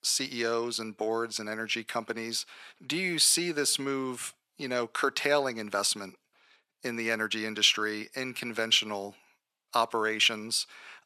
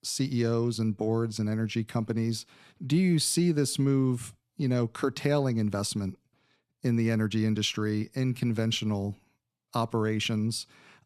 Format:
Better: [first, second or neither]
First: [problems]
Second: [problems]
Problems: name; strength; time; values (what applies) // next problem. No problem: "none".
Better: second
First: thin; very; fading below 550 Hz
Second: none